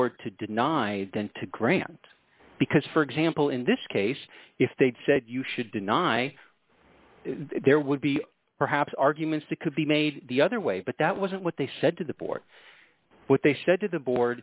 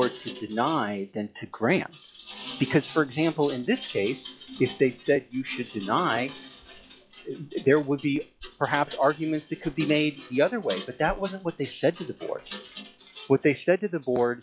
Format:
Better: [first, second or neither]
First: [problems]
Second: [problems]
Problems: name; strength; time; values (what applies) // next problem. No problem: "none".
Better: first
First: none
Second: noise reduction (classical method log-MMSE)